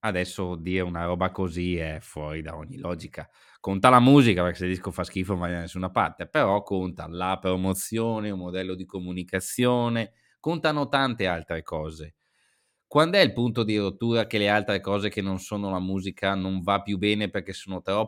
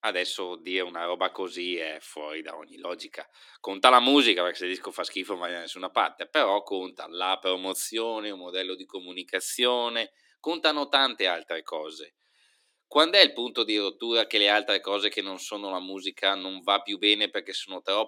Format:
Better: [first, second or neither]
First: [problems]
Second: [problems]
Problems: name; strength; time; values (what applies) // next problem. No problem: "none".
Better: first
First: none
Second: thin; somewhat; fading below 300 Hz